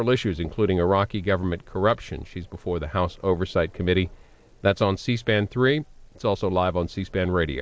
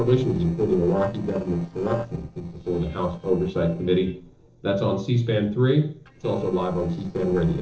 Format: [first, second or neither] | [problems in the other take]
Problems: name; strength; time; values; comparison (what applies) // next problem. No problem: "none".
first | noise reduction (neural separator model SepFormer DNS4)